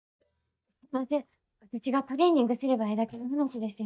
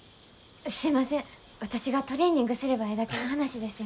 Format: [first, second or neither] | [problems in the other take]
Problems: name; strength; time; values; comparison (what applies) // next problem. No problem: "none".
second | noise reduction (neural mask model DeepFilterNet 3)